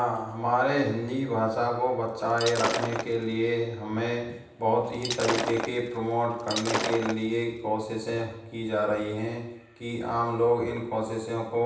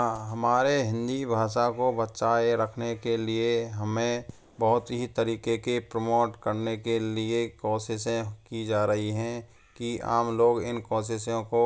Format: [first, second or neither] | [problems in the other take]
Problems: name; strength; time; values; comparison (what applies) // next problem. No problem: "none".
second | background sound (Shatter); 5 dB below the speech // room echo; dies away in 0.9 s